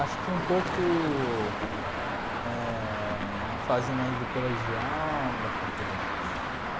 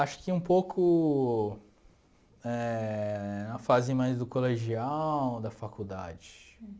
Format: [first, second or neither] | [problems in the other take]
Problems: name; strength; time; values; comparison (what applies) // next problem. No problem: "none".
second | background sound (Traffic noise, roadway noise); as loud as the speech